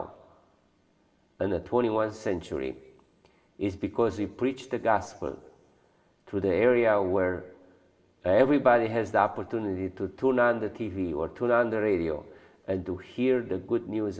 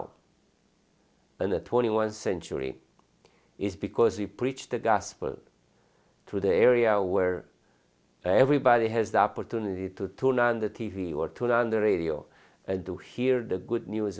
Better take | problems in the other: second | room echo; dies away in 1.2 s

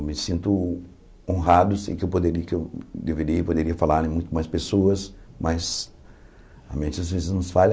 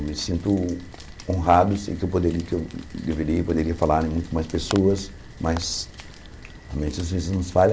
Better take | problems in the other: first | background sound (Rain); 16 dB below the speech

